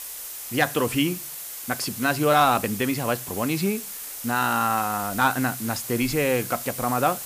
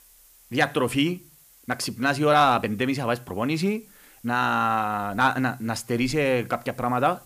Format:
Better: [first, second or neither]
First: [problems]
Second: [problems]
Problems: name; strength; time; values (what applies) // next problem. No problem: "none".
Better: second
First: hiss; loud; throughout; 8 dB below the speech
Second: hiss; faint; throughout; 25 dB below the speech